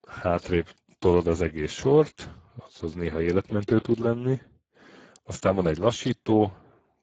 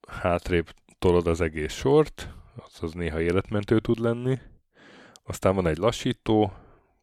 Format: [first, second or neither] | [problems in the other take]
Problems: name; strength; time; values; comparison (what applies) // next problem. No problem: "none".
second | garbled, watery; badly; nothing above 7.5 kHz